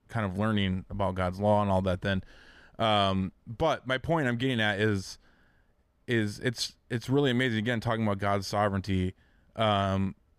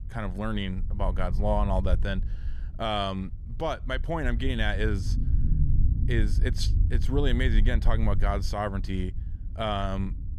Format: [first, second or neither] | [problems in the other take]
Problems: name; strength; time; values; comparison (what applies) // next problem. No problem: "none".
first | low rumble; noticeable; throughout; 15 dB below the speech